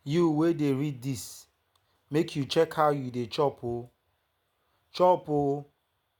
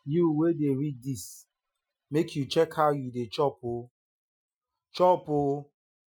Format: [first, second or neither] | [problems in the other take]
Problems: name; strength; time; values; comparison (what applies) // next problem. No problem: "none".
first | noise reduction (classical method Wiener filter)